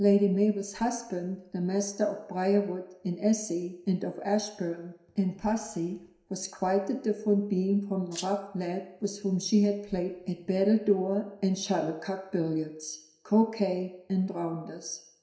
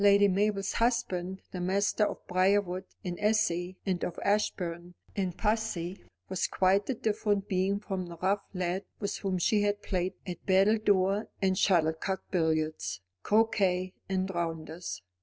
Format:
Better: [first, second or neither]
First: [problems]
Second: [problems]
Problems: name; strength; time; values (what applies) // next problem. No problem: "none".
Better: second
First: background sound (Rattle (instrument)); 15 dB below the speech // room echo; dies away in 0.7 s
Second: none